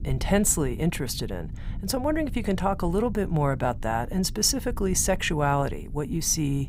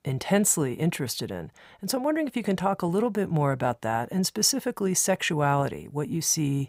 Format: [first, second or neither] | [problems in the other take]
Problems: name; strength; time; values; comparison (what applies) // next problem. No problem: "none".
second | low rumble; faint; throughout; 25 dB below the speech